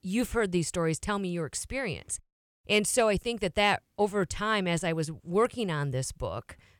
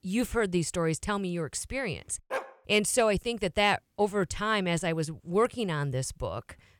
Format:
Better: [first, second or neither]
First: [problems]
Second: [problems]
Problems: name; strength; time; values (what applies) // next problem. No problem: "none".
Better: first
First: none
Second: dog barking; noticeable; at 2.5 s; peak 7 dB below the speech